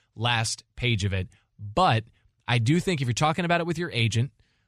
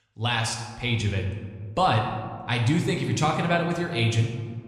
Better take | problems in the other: first | room echo; slight; dies away in 1.3 s

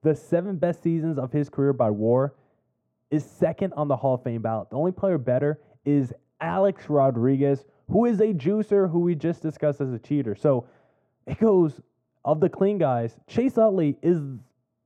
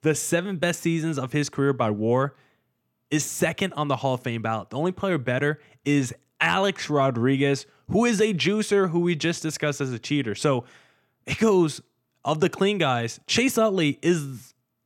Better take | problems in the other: second | muffled; very; fading above 1.5 kHz

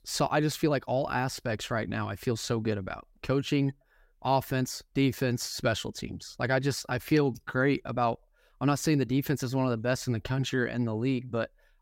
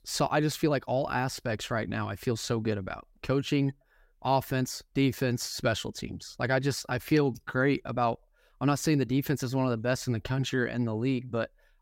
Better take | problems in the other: neither | none

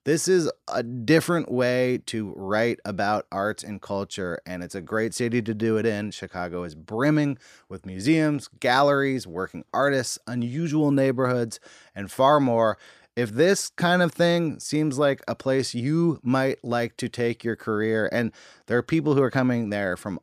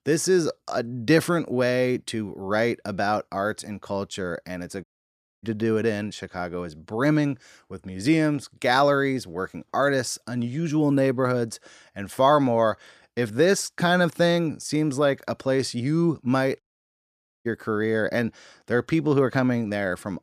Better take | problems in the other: first | audio cutting out; at 5 s for 0.5 s and at 17 s for 1 s

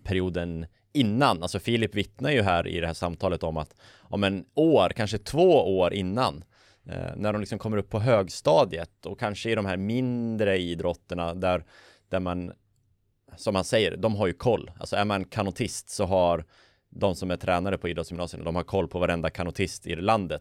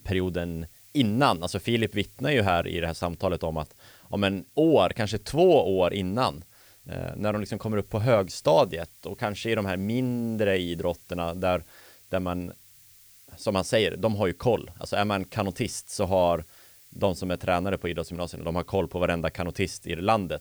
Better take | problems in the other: first | hiss; faint; throughout; 25 dB below the speech

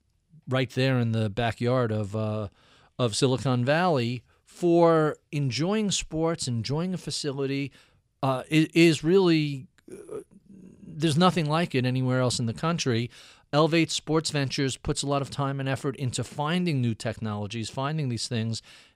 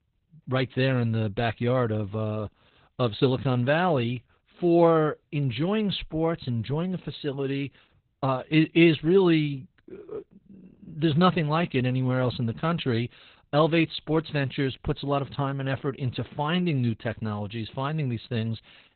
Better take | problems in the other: first | garbled, watery; badly; nothing above 4 kHz

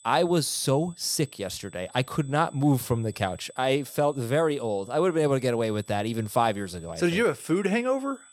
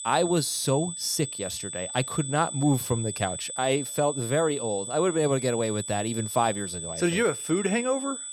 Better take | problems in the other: first | high-pitched whine; loud; throughout; 8 kHz, 6 dB below the speech; faint in the first

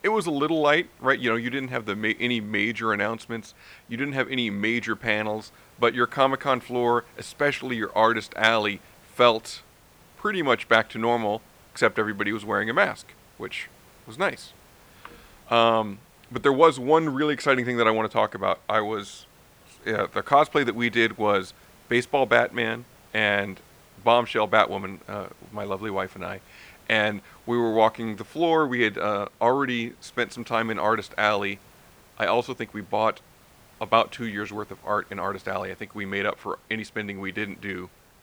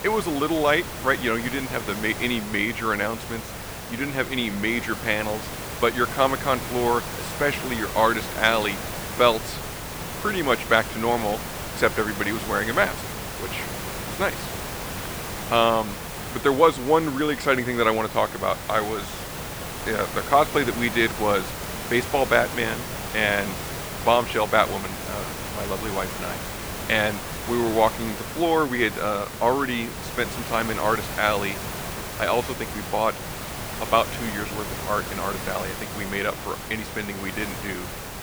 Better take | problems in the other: first | hiss; loud; throughout; 8 dB below the speech; faint in the first

